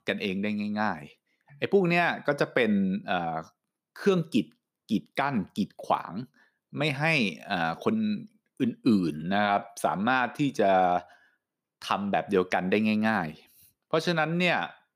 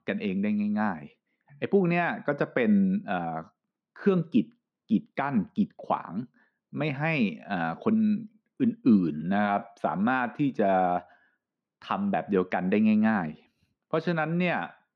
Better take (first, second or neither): first